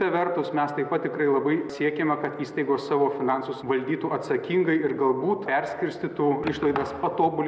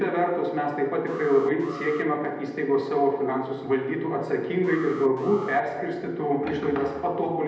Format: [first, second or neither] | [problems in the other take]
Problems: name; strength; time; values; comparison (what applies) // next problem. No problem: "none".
first | background sound (Alarm); 17 dB below the speech // room echo; dies away in 0.8 s